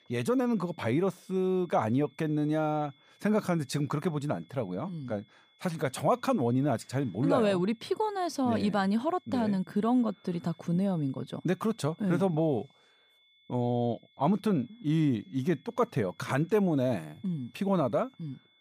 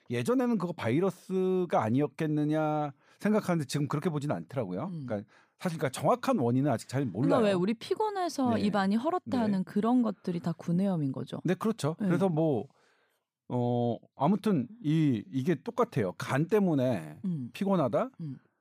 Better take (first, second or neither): second